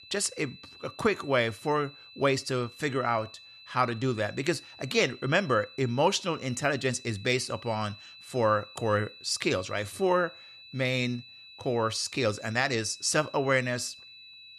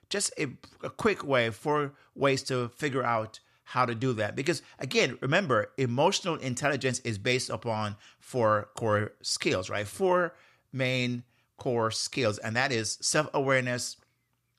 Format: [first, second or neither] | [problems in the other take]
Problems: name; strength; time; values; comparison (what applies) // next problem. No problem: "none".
second | high-pitched whine; noticeable; throughout; 4 kHz, 20 dB below the speech